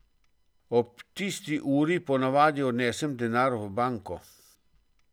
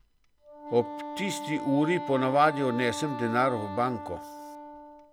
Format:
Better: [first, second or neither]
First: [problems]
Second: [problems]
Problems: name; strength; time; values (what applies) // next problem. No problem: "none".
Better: first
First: none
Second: background sound (Wind instrument, woodwind instrument); 9 dB below the speech